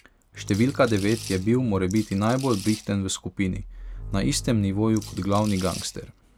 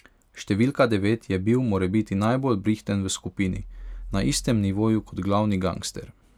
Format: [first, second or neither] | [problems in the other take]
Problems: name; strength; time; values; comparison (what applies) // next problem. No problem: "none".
second | background sound (Rattle / Rattle (instrument) + Bowed string instrument); 14 dB below the speech